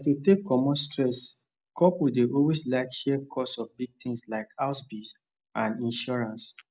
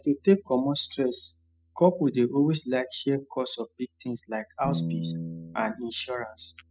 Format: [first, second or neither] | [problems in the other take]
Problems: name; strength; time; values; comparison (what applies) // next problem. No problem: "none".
first | noise reduction (classical method spectral subtraction)